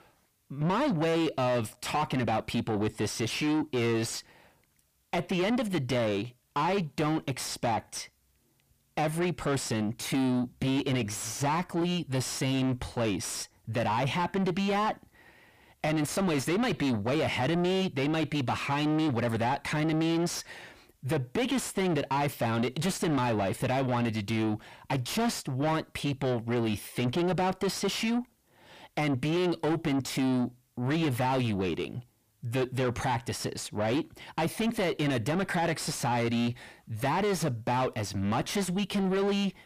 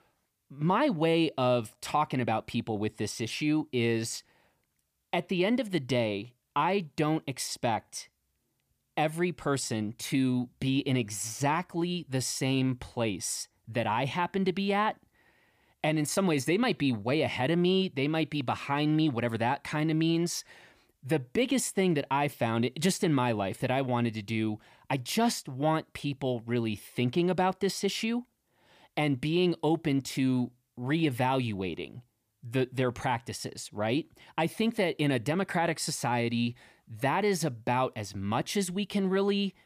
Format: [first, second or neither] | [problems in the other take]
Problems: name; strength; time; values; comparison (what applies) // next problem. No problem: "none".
second | distortion; heavy; 8 dB below the speech